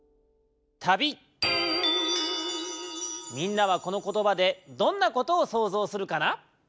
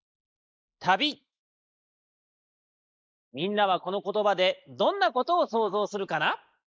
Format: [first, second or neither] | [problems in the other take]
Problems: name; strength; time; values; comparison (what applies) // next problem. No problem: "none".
first | noise reduction (neural mask model Resemble Enhance denoiser)